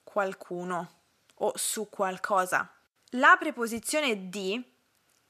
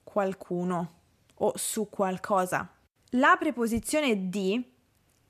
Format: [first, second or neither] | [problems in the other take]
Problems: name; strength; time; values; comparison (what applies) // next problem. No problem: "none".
second | thin; very slightly; fading below 450 Hz